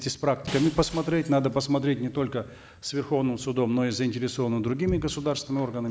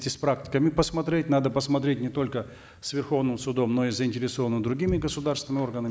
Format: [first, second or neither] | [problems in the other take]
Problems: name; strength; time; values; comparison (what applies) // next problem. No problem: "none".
second | background sound (Shatter); 18 dB below the speech